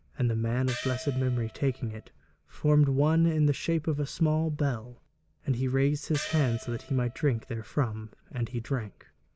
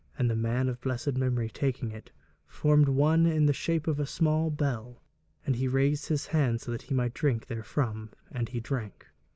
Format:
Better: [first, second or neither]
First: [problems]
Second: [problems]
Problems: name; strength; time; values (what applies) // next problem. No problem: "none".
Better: second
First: background sound (Gong); 14 dB below the speech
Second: none